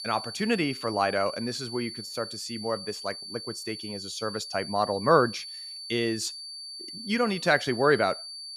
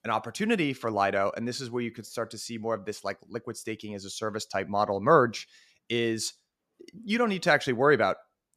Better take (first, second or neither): second